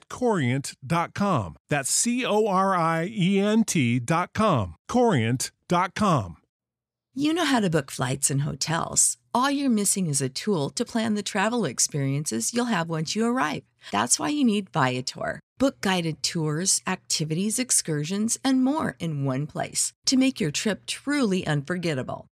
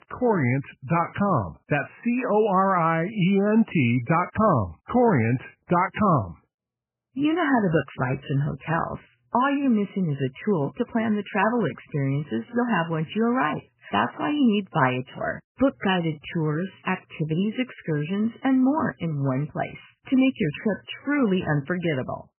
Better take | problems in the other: first | garbled, watery; badly; nothing above 3 kHz

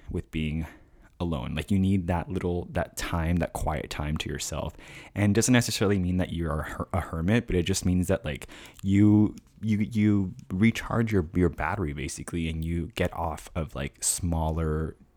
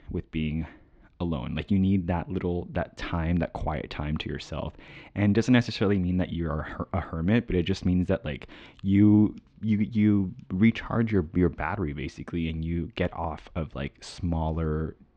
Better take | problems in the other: first | muffled; slightly; fading above 4.5 kHz

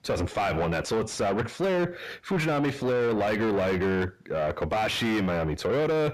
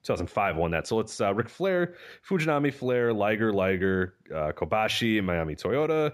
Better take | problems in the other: second | distortion; heavy; 7 dB below the speech

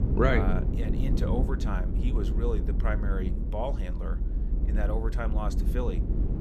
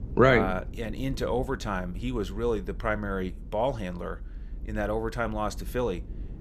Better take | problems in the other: second | low rumble; loud; throughout; 7 dB below the speech; faint in the second

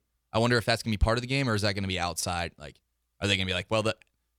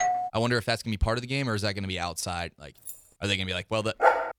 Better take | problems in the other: first | doorbell; loud; at the start; peak 1 dB above the speech // jangling keys; faint; at 3 s; peak 10 dB below the speech // dog barking; loud; at 4 s; peak 6 dB above the speech

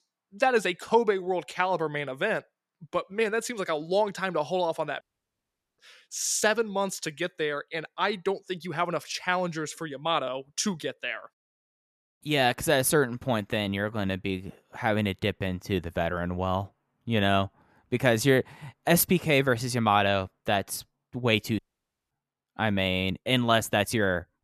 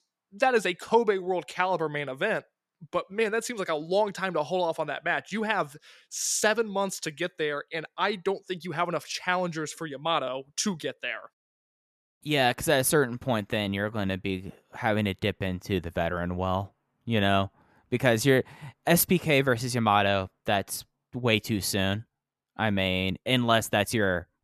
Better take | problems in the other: second | audio cutting out; at 5 s for 1 s and at 22 s for 0.5 s

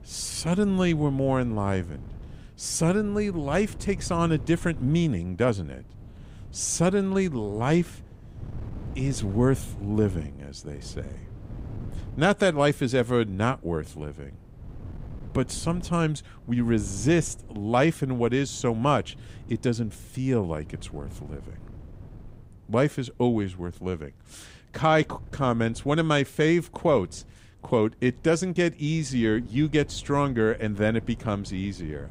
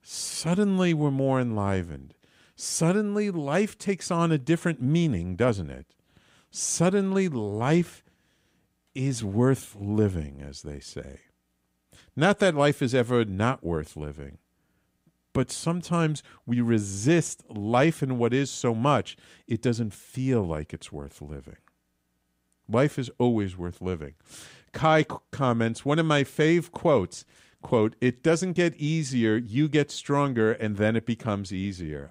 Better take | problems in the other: second | wind noise on the microphone; occasional gusts; 25 dB below the speech

